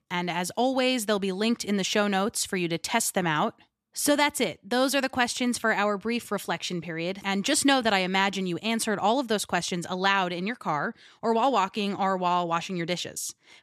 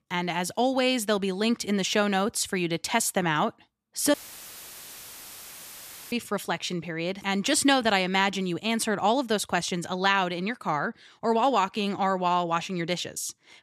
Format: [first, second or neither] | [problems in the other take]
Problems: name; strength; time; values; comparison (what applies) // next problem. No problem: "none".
first | audio cutting out; filled with static; at 4 s for 2 s